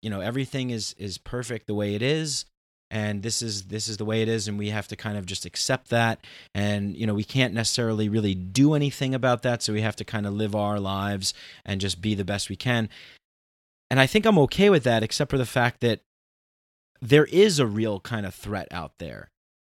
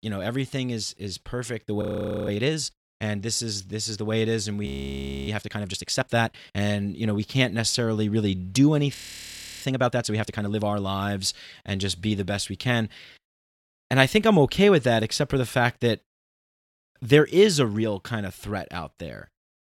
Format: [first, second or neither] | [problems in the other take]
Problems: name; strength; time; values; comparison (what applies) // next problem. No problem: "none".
first | audio freezing; at 2 s, at 4.5 s for 0.5 s and at 9 s for 0.5 s